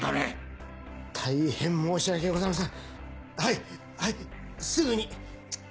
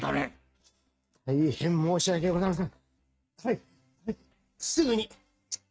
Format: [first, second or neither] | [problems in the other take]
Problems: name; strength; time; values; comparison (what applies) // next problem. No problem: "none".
first | noise reduction (neural mask model RNNoise)